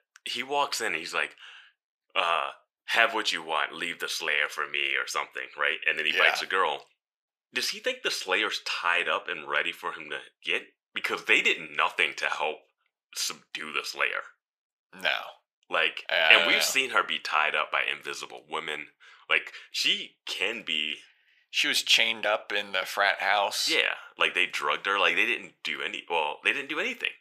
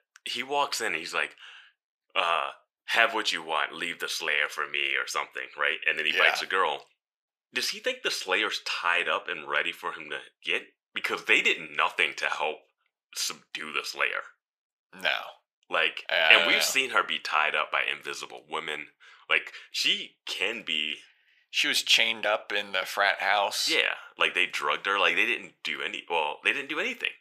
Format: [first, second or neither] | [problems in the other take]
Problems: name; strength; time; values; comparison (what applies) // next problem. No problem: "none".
neither | thin; very; fading below 750 Hz; the same in both